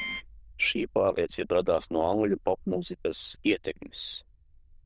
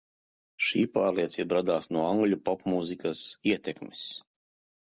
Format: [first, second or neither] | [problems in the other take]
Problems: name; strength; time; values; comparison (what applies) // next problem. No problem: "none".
second | noise reduction (neural diffusion model UNIVERSE++)